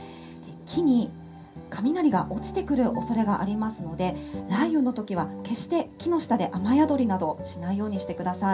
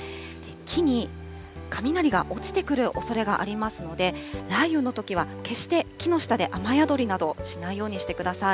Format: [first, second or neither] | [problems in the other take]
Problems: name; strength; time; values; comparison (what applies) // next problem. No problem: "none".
second | background sound (Brass instrument); 11 dB below the speech // room echo; dies away in 0.3 s